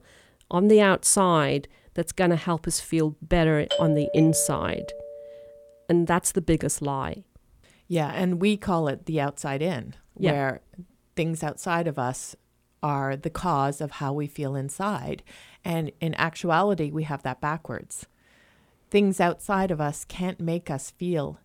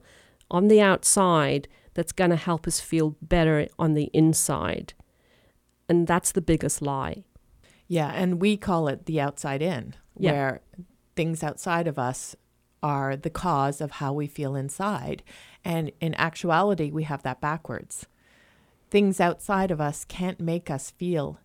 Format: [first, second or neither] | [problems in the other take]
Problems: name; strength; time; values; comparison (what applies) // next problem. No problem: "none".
second | doorbell; noticeable; from 3.5 to 5 s; peak 1 dB below the speech